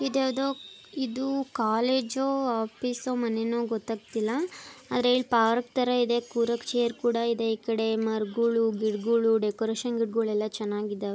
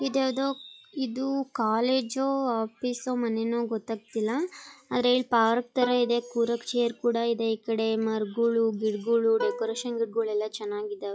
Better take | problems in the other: first | noise reduction (classical method log-MMSE)

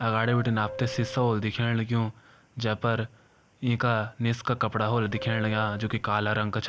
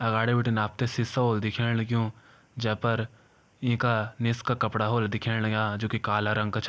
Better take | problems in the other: second | background sound (Subway, metro, underground / Doorbell); 14 dB below the speech

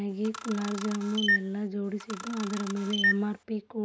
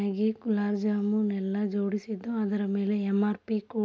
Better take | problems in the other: second | background sound (Camera); 1 dB below the speech

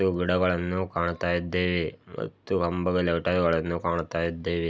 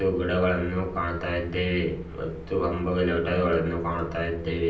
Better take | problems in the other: first | background sound (Mechanical fan); 15 dB below the speech // room echo; dies away in 0.6 s

